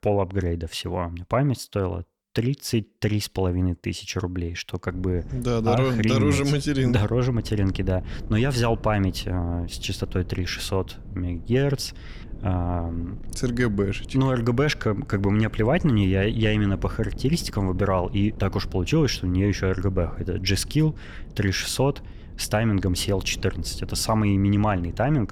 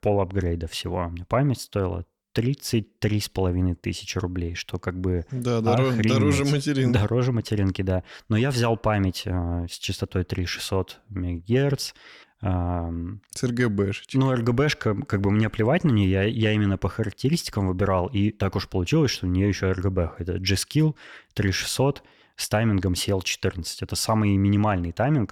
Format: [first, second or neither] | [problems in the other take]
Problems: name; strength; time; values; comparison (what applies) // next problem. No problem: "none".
second | wind noise on the microphone; occasional gusts; from 5 s on; 20 dB below the speech